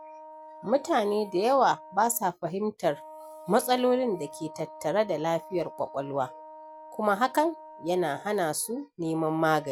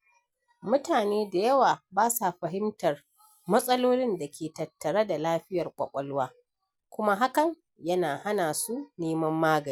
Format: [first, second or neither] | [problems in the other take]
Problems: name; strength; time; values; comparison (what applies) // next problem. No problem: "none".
second | background sound (Wind instrument, woodwind instrument); 18 dB below the speech